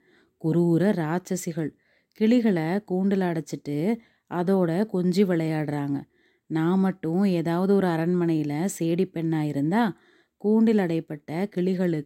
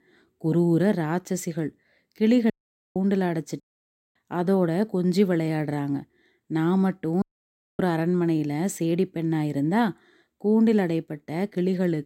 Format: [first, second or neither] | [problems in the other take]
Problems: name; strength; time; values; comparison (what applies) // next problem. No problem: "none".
first | audio cutting out; at 2.5 s, at 3.5 s for 0.5 s and at 7 s for 0.5 s